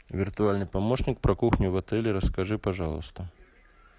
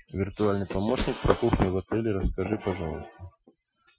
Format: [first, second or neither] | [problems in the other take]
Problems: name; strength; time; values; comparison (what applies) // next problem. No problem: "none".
first | noise reduction (classical method Wiener filter)